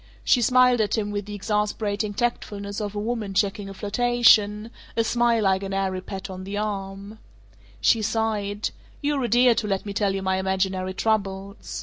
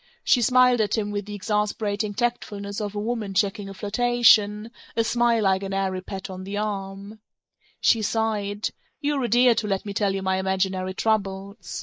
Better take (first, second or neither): first